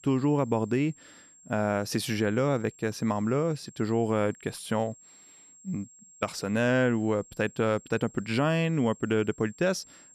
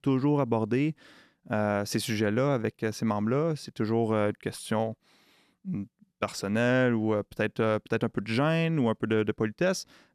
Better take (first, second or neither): second